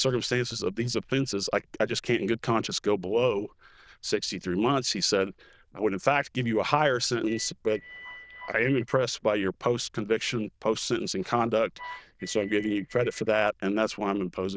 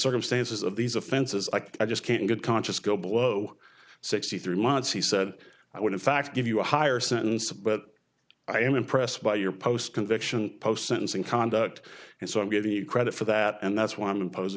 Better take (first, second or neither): second